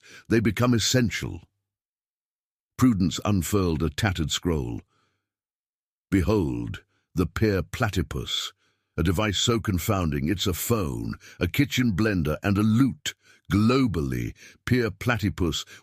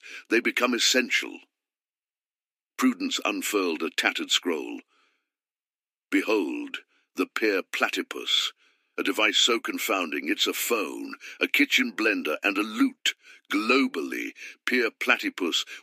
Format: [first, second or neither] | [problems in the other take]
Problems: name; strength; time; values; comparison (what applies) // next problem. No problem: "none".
first | thin; somewhat; fading below 250 Hz